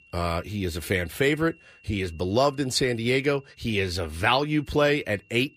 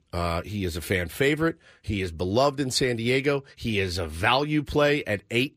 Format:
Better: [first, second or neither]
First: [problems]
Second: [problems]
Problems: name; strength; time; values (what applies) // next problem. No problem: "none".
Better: second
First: high-pitched whine; faint; throughout; 2.5 kHz, 30 dB below the speech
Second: none